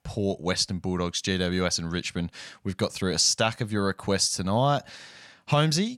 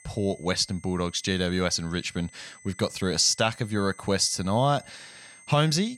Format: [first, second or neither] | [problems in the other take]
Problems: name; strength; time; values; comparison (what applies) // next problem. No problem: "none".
first | high-pitched whine; faint; throughout; 2 kHz, 25 dB below the speech